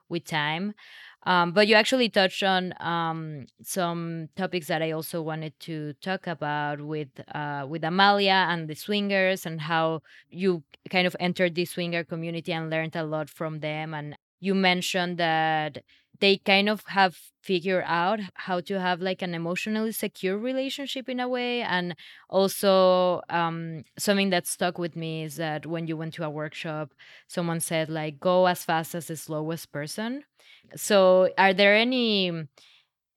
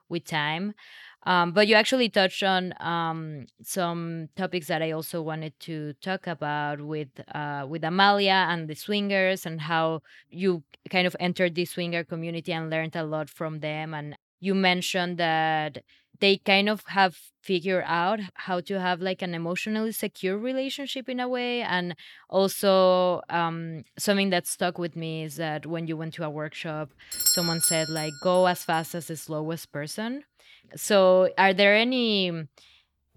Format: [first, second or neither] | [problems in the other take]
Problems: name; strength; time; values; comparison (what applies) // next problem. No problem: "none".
first | doorbell; loud; at 27 s; peak 4 dB above the speech